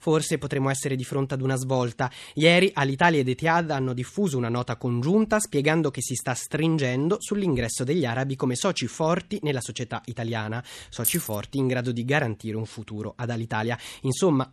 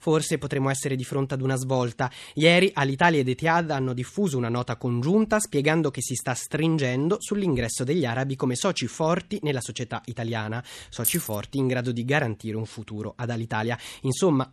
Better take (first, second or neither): neither